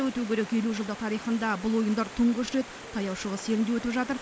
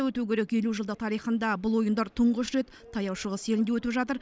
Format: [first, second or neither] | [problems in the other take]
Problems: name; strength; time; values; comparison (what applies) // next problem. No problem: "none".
second | background sound (Stream); 15 dB below the speech